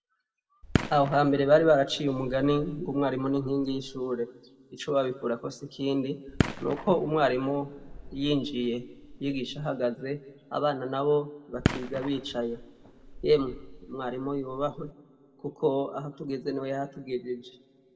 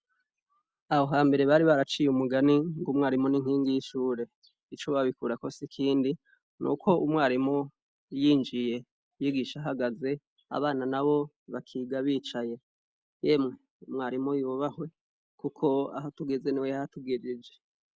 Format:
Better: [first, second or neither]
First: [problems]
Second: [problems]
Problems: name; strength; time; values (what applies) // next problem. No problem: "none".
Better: second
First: background sound (Fireworks); 8 dB below the speech // room echo; dies away in 1.7 s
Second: none